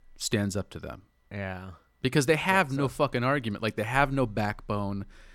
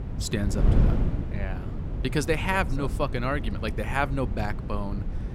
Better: first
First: none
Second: wind noise on the microphone; occasional gusts; 10 dB below the speech

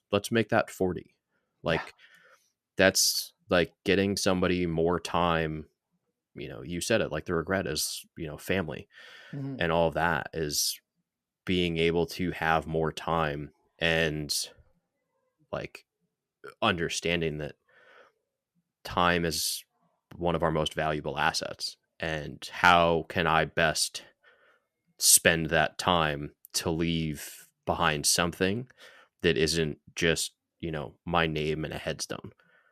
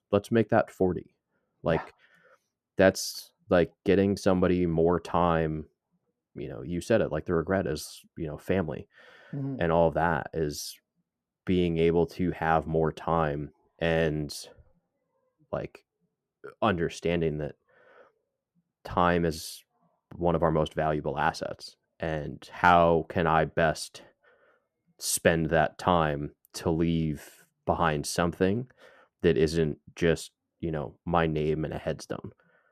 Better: first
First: none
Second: muffled; slightly; fading above 1.5 kHz

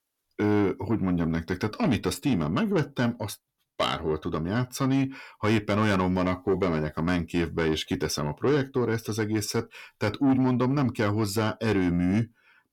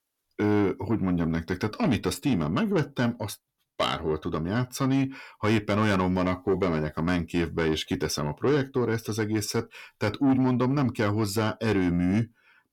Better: neither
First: distortion; slight; 10 dB below the speech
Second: distortion; slight; 10 dB below the speech

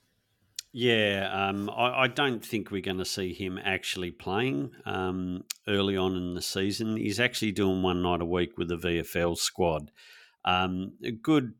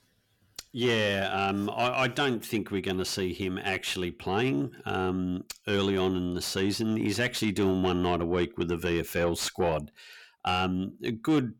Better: first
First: none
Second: distortion; slight; 10 dB below the speech

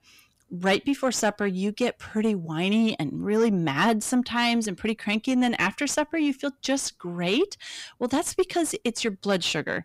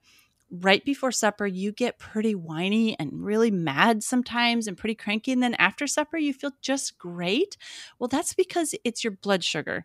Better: second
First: distortion; slight; 10 dB below the speech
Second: none

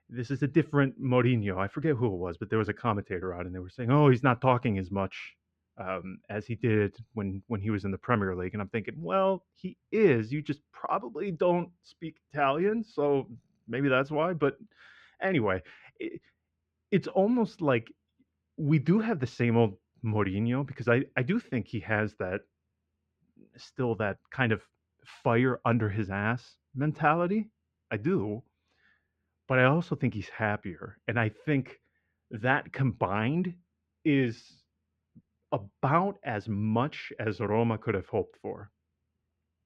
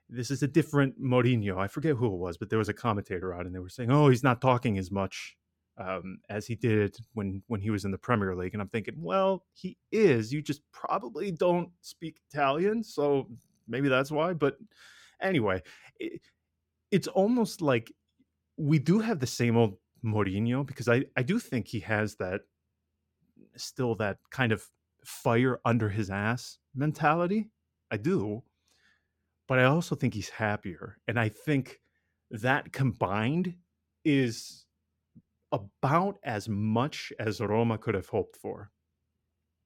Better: second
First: muffled; slightly; fading above 2.5 kHz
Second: none

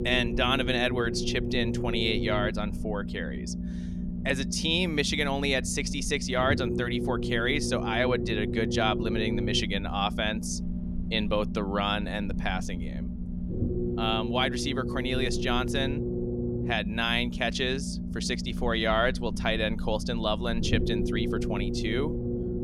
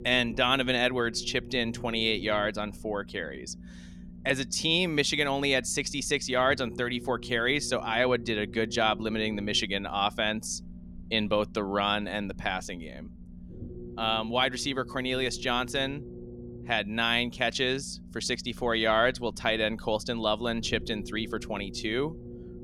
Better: second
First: low rumble; loud; throughout; 9 dB below the speech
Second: low rumble; faint; throughout; 25 dB below the speech

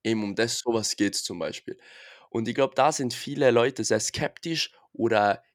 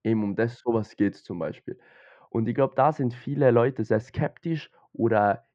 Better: first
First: none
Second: muffled; very; fading above 1.5 kHz

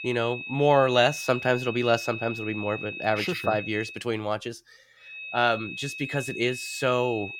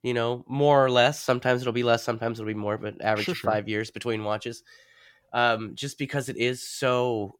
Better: second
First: high-pitched whine; loud; until 4 s and from 5 s on; 2.5 kHz, 9 dB below the speech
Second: none

